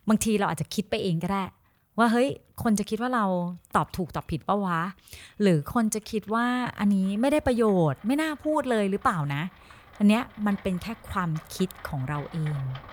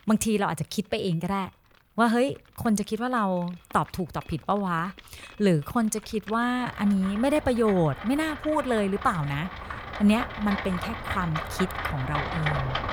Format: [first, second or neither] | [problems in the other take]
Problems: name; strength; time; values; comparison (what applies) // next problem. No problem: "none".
first | rain or running water; loud; throughout; 8 dB below the speech; faint in the first